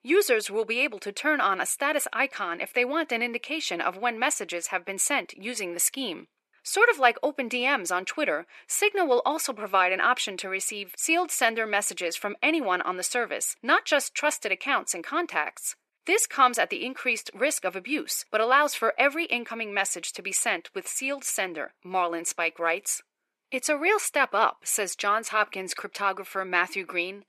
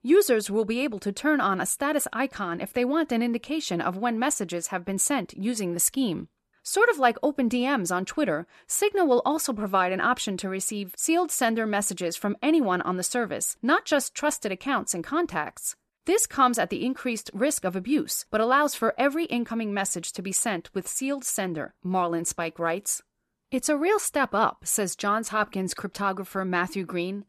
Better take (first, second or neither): second